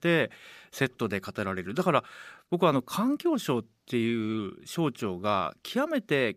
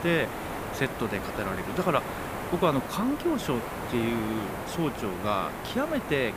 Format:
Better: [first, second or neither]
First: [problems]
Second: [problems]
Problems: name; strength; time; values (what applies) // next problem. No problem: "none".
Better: first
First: none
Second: hiss; loud; throughout; 5 dB below the speech